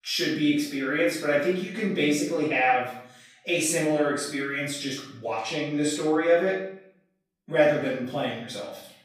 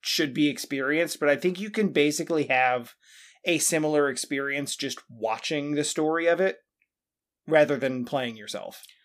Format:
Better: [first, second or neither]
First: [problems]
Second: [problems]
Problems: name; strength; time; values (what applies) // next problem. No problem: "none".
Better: second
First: off-mic speech; far // room echo; noticeable; dies away in 0.6 s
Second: none